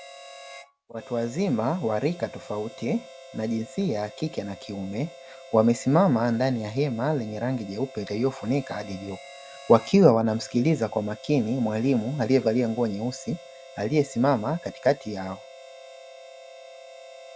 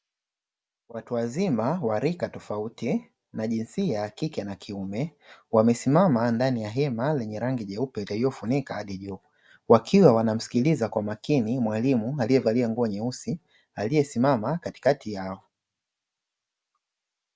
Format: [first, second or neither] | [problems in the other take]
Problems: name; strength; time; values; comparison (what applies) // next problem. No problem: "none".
second | background sound (Harmonica); 19 dB below the speech